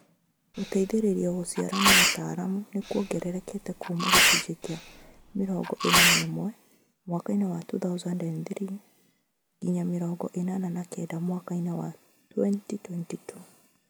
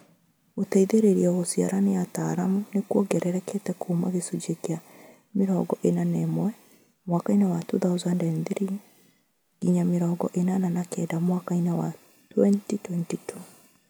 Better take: second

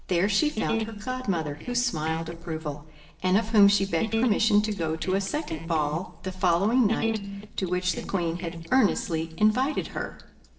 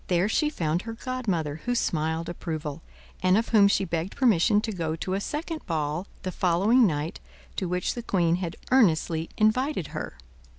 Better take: second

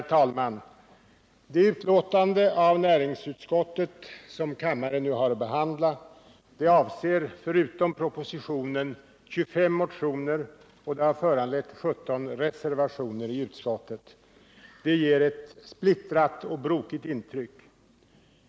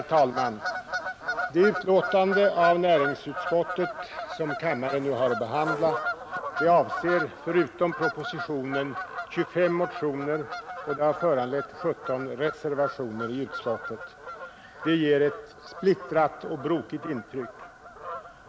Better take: first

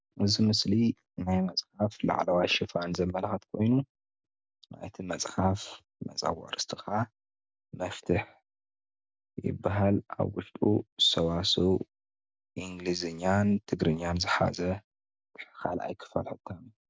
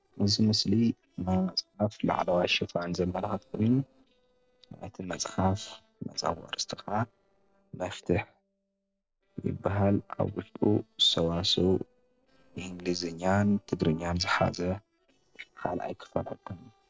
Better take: first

